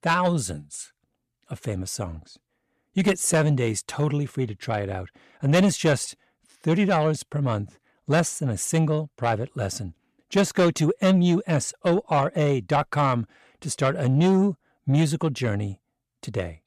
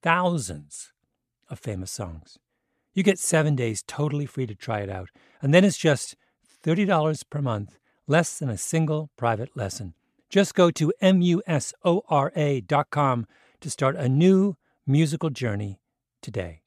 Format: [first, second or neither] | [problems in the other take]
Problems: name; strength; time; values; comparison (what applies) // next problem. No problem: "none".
second | distortion; slight; 10 dB below the speech